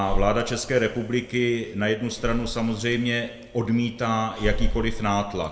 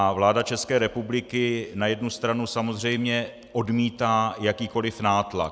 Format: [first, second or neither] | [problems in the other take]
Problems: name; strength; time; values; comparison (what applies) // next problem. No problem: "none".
second | background sound (Breathing); 5 dB below the speech // room echo; dies away in 1.7 s